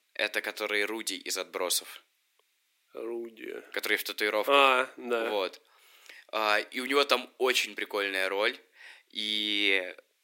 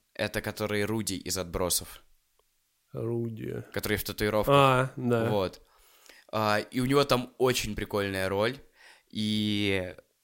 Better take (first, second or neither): second